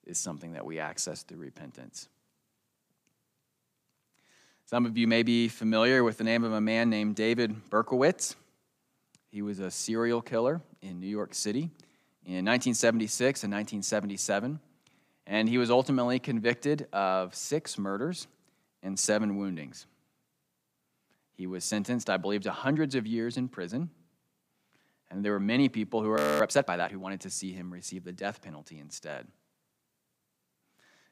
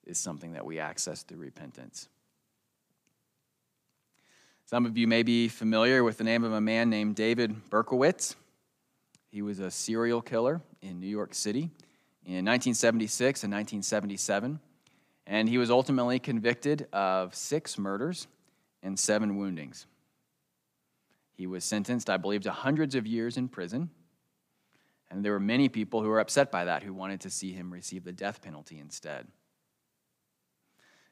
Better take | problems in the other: second | audio freezing; at 26 s

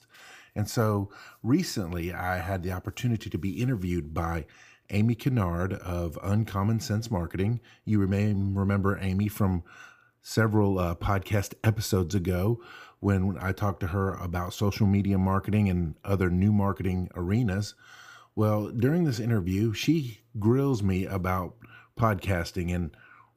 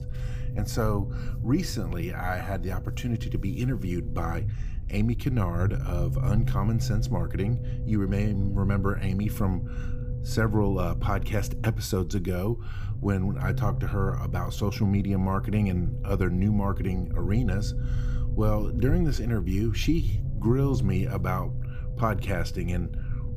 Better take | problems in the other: first | low rumble; noticeable; throughout; 10 dB below the speech

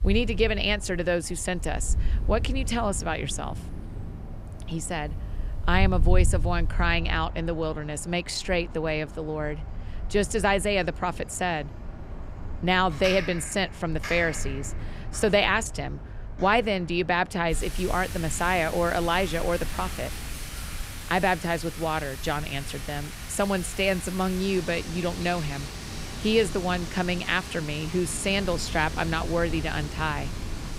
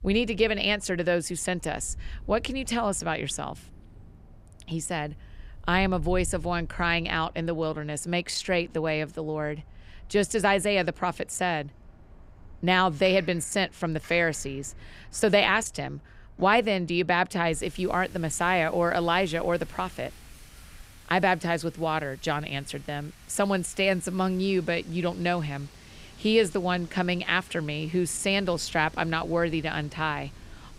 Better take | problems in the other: second | wind in the background; loud; throughout; 8 dB below the speech; faint in the second

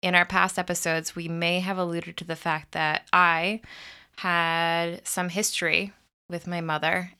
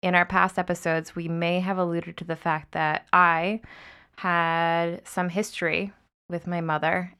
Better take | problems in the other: first | muffled; slightly; fading above 2.5 kHz

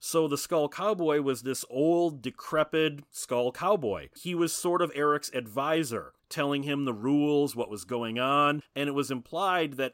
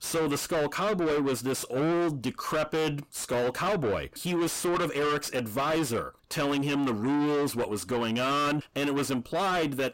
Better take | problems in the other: first | distortion; heavy; 6 dB below the speech

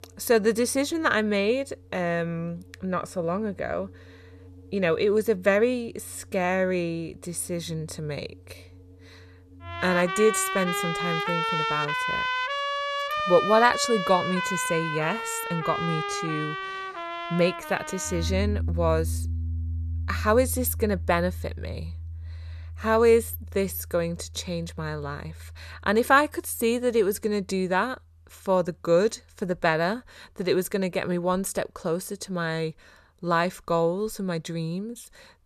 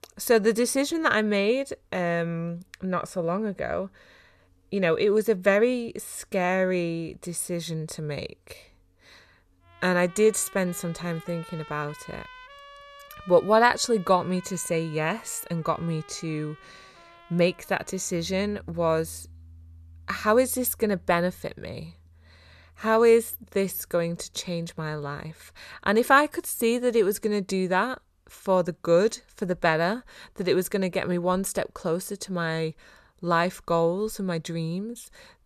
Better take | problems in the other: second | background music; loud; throughout; 4 dB below the speech; faint in the second

